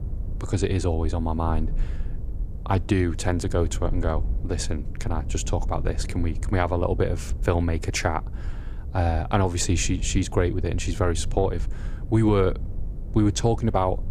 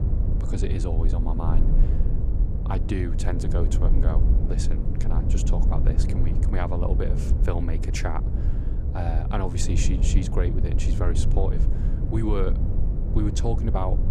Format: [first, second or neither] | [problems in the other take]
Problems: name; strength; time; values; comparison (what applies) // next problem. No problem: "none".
first | low rumble; loud; throughout; 5 dB below the speech; faint in the first